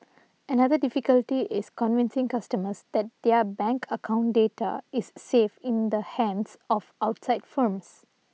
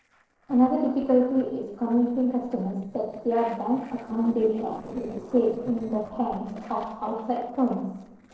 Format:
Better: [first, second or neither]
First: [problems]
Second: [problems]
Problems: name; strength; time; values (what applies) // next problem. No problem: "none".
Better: first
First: none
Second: noise reduction (neural separator model SepFormer DNS4)